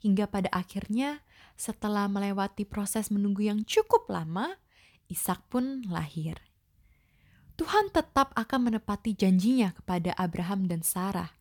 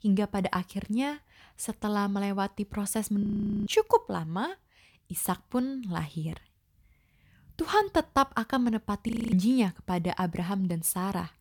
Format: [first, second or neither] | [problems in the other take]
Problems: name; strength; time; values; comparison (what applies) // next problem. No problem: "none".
first | audio freezing; at 3 s and at 9 s